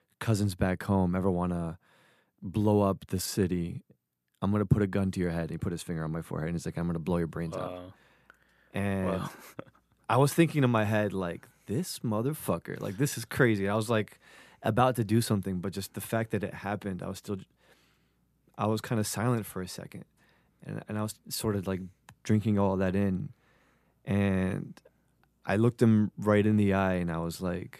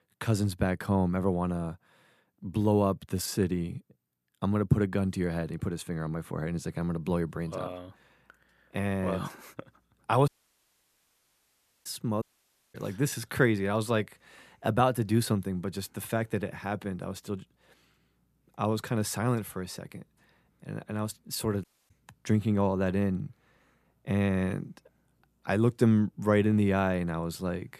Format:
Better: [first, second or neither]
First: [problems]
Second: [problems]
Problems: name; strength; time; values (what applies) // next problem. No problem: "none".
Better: first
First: none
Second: audio cutting out; at 10 s for 1.5 s, at 12 s for 0.5 s and at 22 s